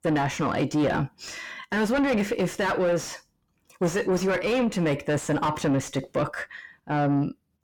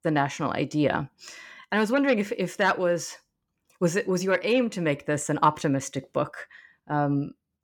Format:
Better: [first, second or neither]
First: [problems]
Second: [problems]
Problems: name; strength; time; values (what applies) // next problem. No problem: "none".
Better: second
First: distortion; heavy; 6 dB below the speech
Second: none